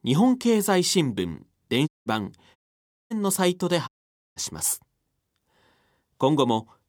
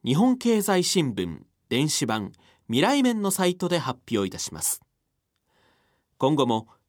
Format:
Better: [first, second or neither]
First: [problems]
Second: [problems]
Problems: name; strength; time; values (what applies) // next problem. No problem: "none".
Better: second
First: audio cutting out; at 2 s, at 2.5 s for 0.5 s and at 4 s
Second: none